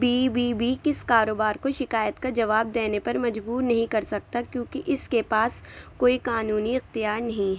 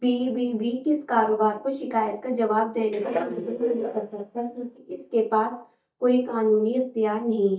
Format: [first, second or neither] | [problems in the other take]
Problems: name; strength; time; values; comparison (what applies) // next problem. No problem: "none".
first | noise reduction (neural mask model DeepFilterNet 3)